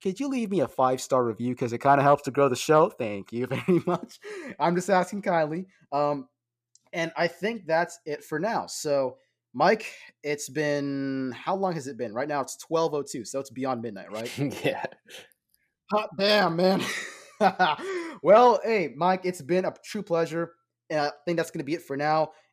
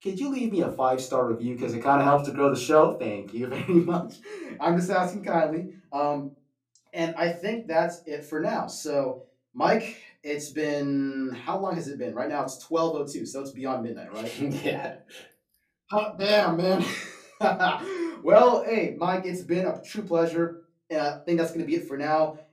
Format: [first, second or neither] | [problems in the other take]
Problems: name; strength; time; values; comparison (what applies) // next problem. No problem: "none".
first | off-mic speech; far // room echo; very slight; dies away in 0.2 s